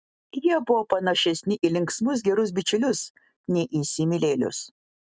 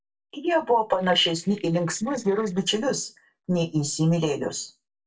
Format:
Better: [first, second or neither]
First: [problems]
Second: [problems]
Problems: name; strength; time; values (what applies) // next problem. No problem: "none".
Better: first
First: none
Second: noise reduction (neural separator model SepFormer DNS4)